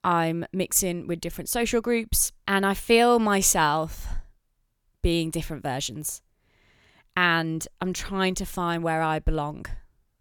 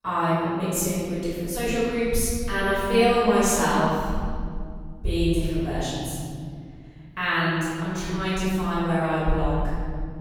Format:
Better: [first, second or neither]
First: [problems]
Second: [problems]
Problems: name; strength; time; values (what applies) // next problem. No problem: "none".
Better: first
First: none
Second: off-mic speech; far // room echo; strong; dies away in 2.6 s